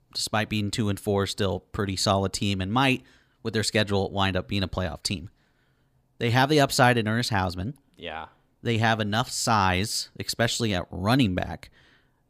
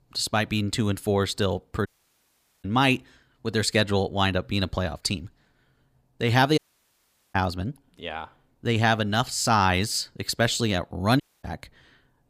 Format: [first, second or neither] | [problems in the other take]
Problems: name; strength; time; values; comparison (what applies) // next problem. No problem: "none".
first | audio cutting out; at 2 s for 1 s, at 6.5 s for 1 s and at 11 s